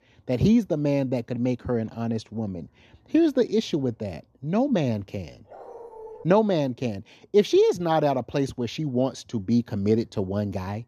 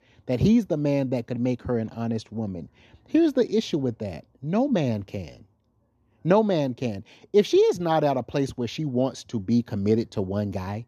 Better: second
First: dog barking; faint; at 5.5 s; peak 15 dB below the speech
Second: none

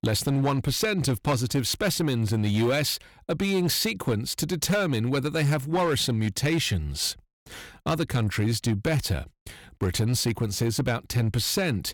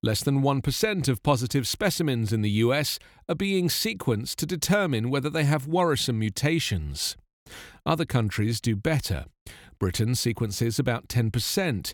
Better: second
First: distortion; slight; 9% of the sound clipped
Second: none

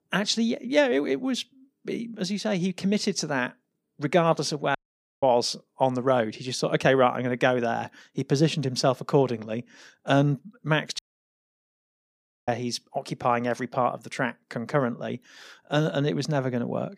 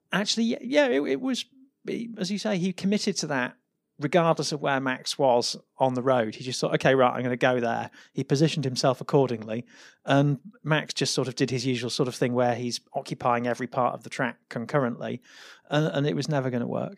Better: second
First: audio cutting out; at 5 s and at 11 s for 1.5 s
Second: none

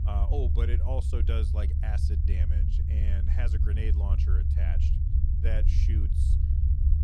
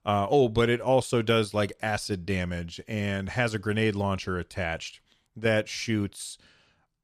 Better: second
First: low rumble; loud; throughout; 2 dB below the speech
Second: none

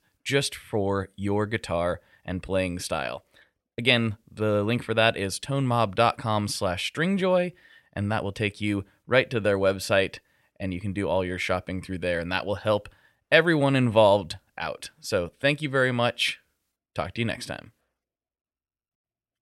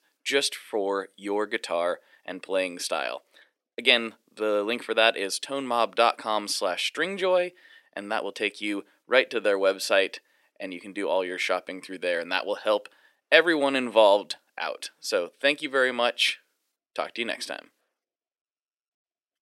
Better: first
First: none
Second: thin; somewhat; fading below 300 Hz

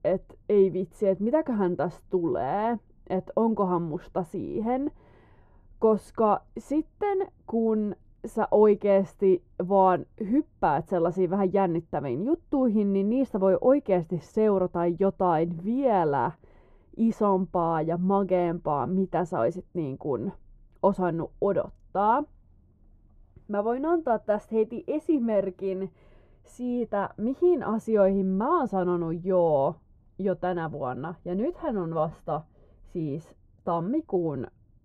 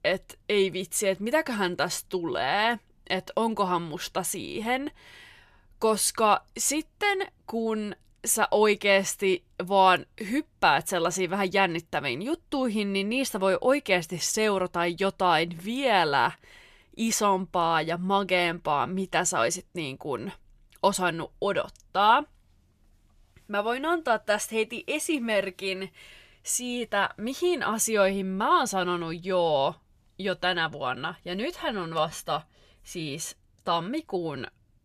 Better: second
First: muffled; very; fading above 1.5 kHz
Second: none

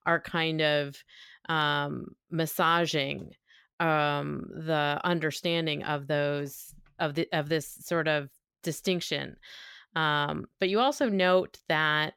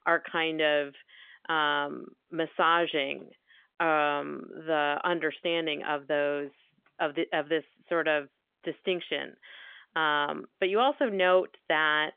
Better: first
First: none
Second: phone-call audio; nothing above 3.5 kHz

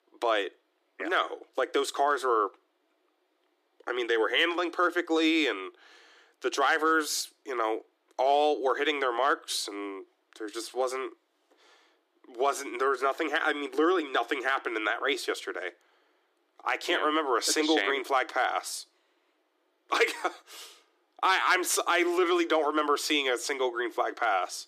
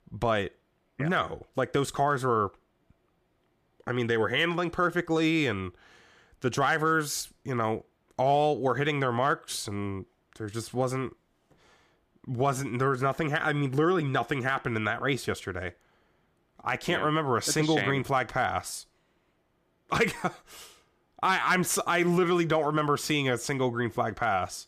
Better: second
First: thin; very; fading below 300 Hz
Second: none

